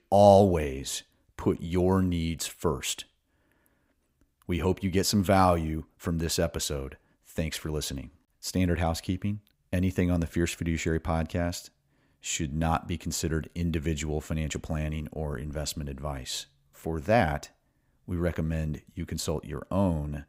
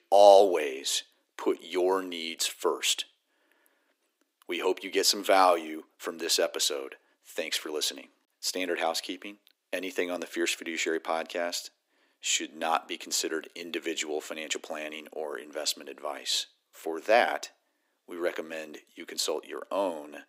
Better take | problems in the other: first | thin; very; fading below 300 Hz

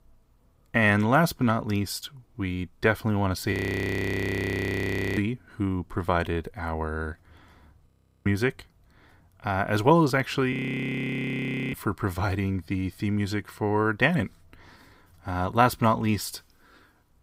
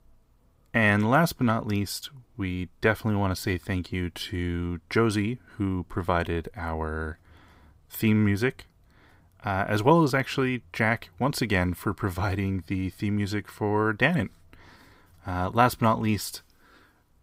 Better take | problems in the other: second | audio freezing; at 3.5 s for 1.5 s, at 8 s and at 11 s for 1 s

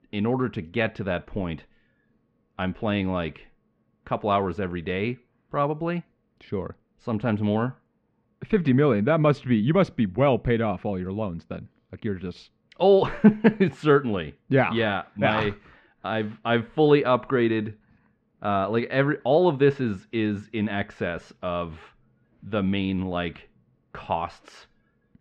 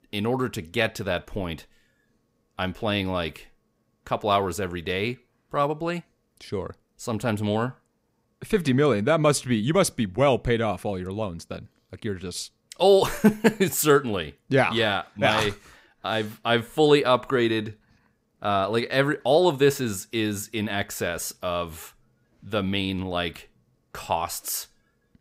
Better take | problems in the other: second | muffled; very; fading above 3 kHz

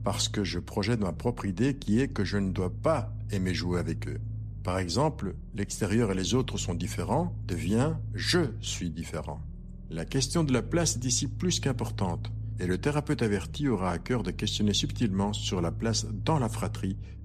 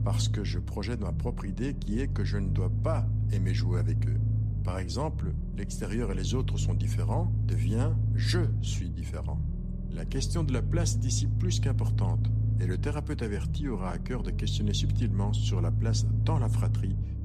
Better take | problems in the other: first | low rumble; loud; throughout; 6 dB below the speech; faint in the first

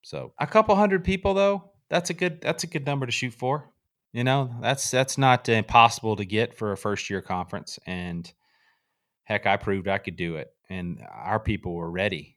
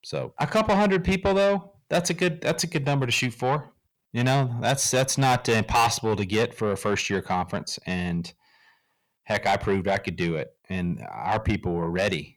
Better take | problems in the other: first | distortion; heavy; 6 dB below the speech

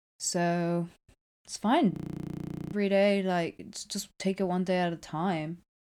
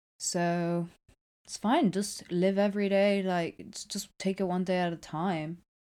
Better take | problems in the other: second | audio freezing; at 2 s for 1 s

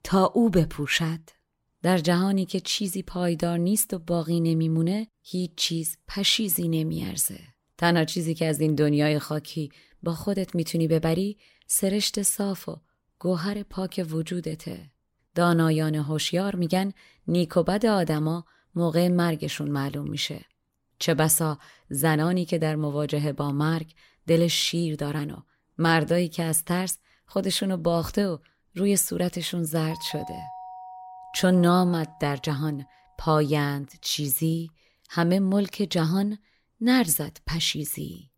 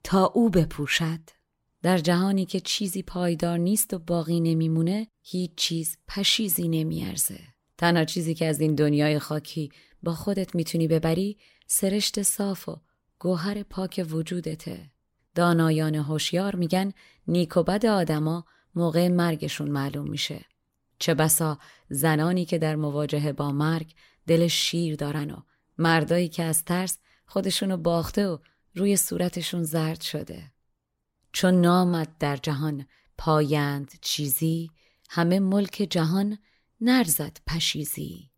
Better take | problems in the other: second | doorbell; faint; from 30 to 33 s; peak 15 dB below the speech

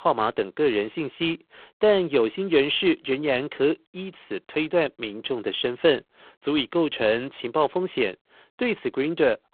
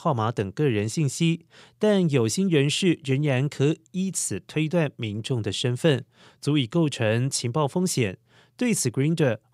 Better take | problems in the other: second | phone-call audio; poor line

